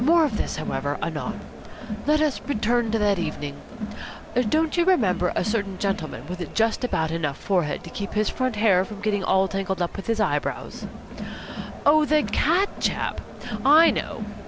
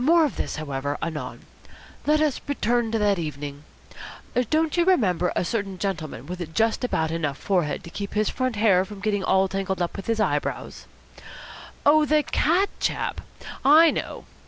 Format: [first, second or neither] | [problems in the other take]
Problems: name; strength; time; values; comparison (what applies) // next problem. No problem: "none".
second | background sound (Crowd); 11 dB below the speech